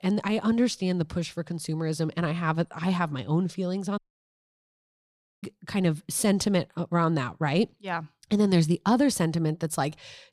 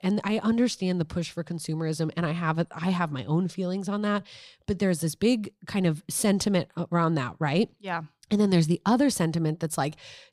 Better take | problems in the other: second | audio cutting out; at 4 s for 1.5 s

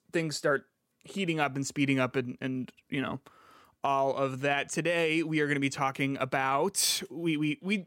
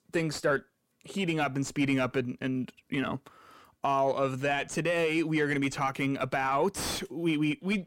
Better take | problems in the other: first | distortion; slight; 10 dB below the speech

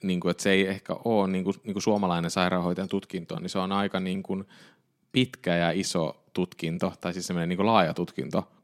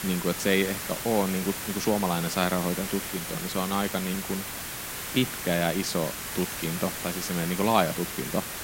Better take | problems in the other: first | hiss; loud; throughout; 4 dB below the speech

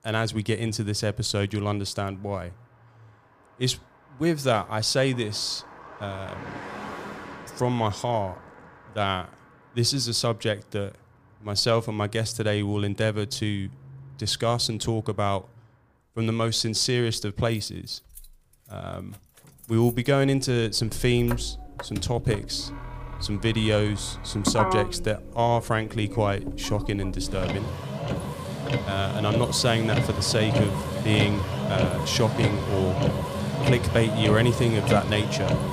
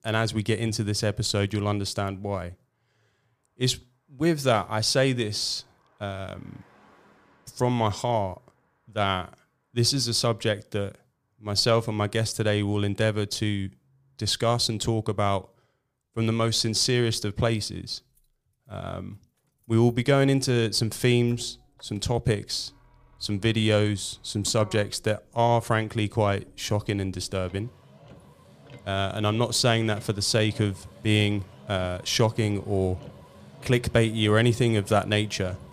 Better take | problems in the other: second | traffic noise; loud; throughout; 4 dB below the speech; faint in the second

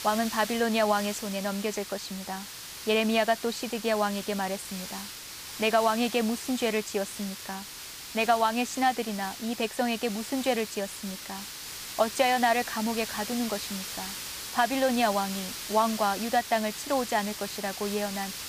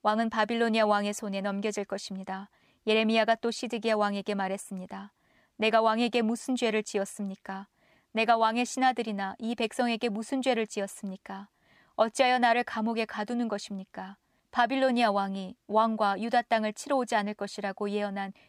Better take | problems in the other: second | hiss; loud; throughout; 8 dB below the speech

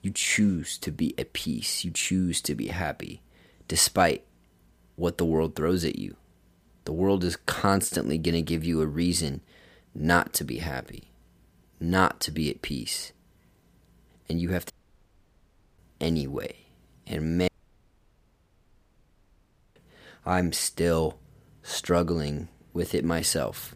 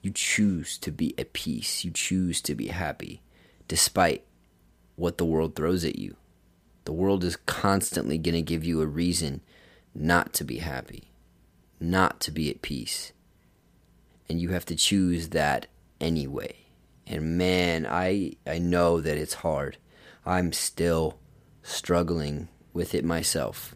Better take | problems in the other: second | audio cutting out; at 15 s for 1 s and at 17 s for 2.5 s

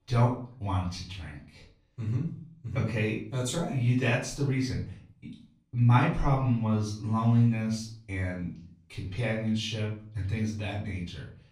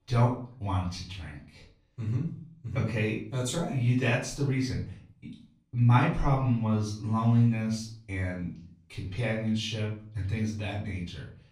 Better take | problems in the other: neither | off-mic speech; far; the same in both // room echo; slight; dies away in 0.4 s; the same in both

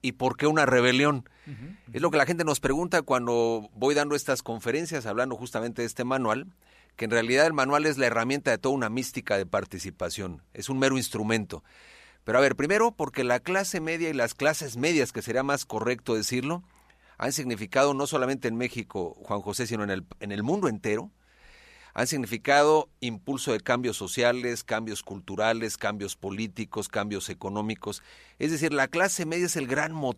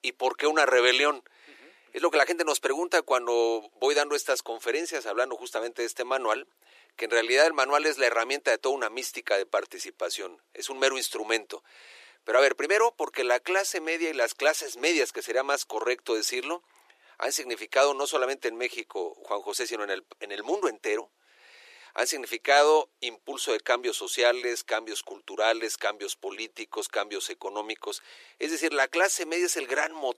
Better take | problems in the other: first | thin; very; fading below 350 Hz

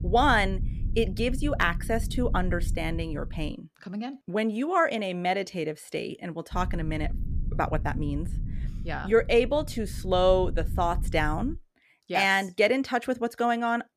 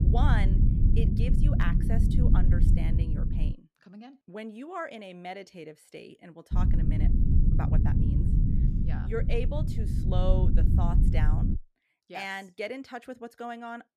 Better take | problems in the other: first | low rumble; loud; until 3.5 s and from 6.5 to 12 s; 2 dB below the speech; faint in the first

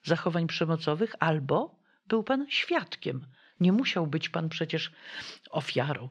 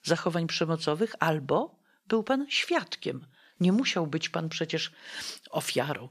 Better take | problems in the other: second | muffled; very slightly; fading above 3.5 kHz

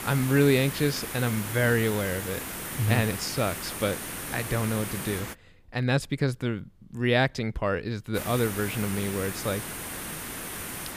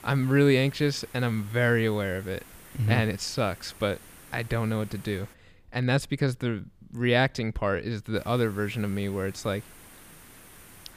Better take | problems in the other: second | hiss; loud; until 5.5 s and from 8 s on; 7 dB below the speech; faint in the second

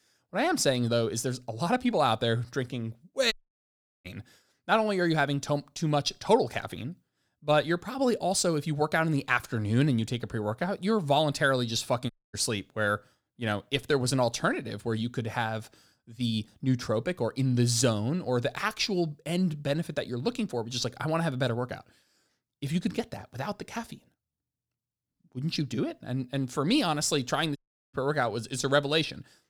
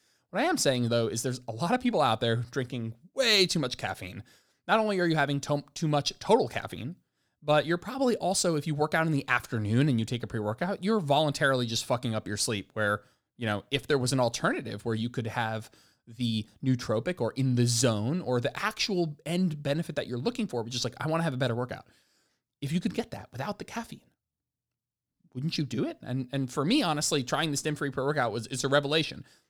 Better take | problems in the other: second | audio cutting out; at 3.5 s for 0.5 s, at 12 s and at 28 s

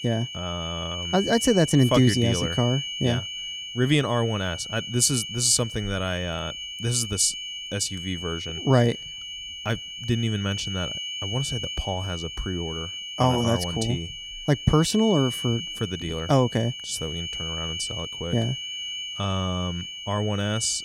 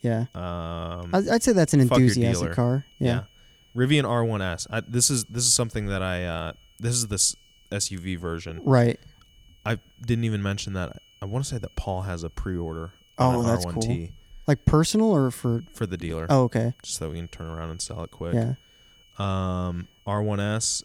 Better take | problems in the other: second | high-pitched whine; loud; throughout; 3 kHz, 6 dB below the speech; faint in the second

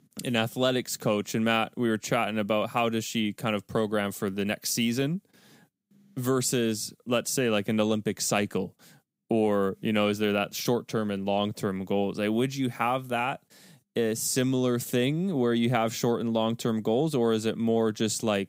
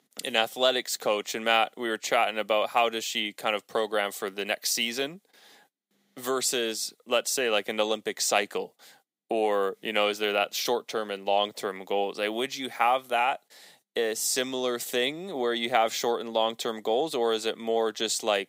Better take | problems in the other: first | thin; very; fading below 500 Hz

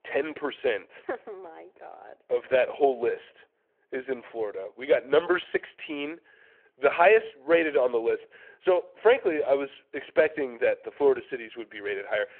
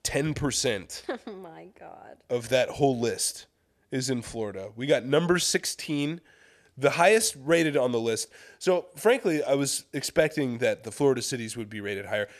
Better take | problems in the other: second | phone-call audio

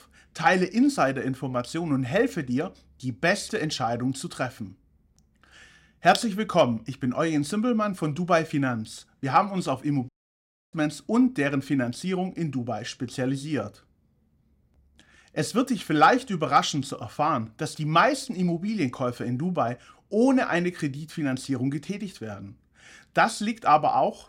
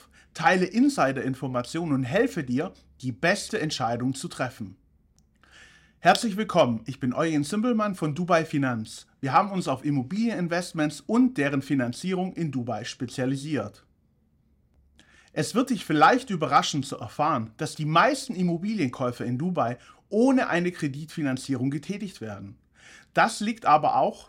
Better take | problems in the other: second | audio cutting out; at 10 s for 0.5 s

